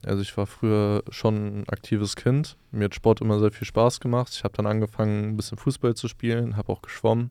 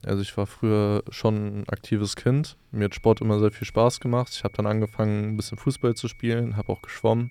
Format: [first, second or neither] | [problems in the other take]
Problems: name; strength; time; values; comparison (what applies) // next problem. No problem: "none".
first | high-pitched whine; faint; from 3 s on; 2 kHz, 25 dB below the speech